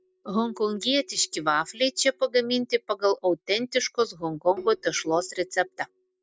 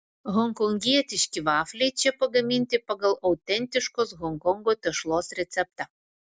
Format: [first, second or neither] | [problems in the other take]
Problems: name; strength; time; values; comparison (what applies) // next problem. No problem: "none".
second | noise reduction (neural mask model DeepFilterNet 3)